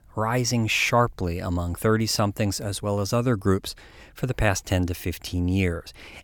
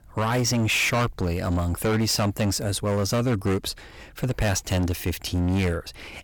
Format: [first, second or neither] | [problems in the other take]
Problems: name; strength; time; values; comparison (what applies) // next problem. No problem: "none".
first | distortion; heavy; 17% of the sound clipped